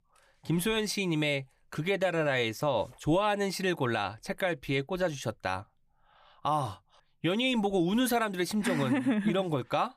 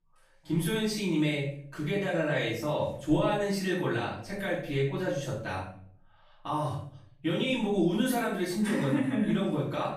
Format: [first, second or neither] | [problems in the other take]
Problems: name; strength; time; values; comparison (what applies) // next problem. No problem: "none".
first | off-mic speech; far // room echo; noticeable; dies away in 0.5 s